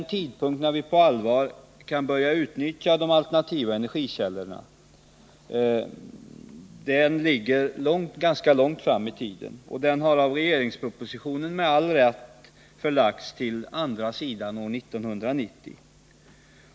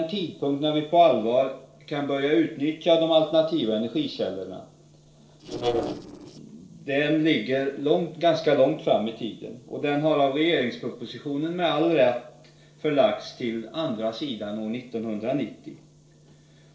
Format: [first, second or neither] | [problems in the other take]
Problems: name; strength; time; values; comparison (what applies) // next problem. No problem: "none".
first | noise reduction (neural separator model SepFormer DNS4)